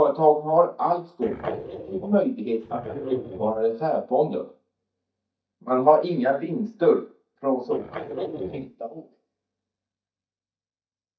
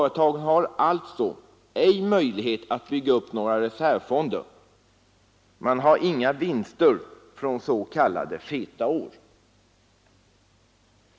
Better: second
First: noise reduction (neural mask model DeepFilterNet 3)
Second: none

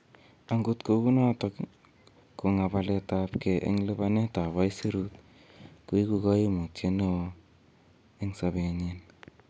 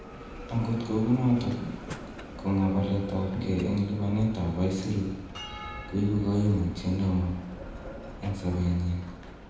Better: first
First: none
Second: background sound (Bell); 12 dB below the speech // room echo; dies away in 1 s

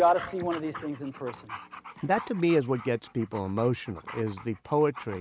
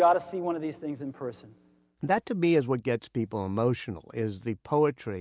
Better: second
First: background sound (Dog); 16 dB below the speech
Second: none

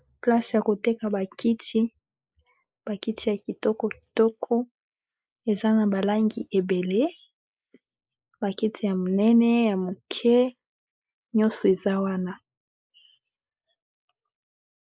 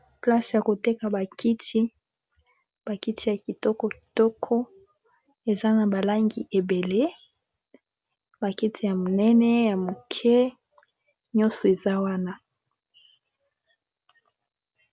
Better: second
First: noise reduction (neural mask model Resemble Enhance denoiser)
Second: none

